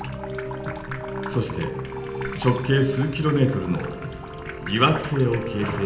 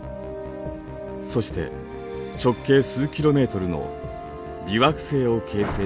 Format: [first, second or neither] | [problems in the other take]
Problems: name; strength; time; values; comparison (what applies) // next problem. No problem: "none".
second | background sound (Sink (filling or washing) / Water tap, faucet); 14 dB below the speech // room echo; dies away in 0.8 s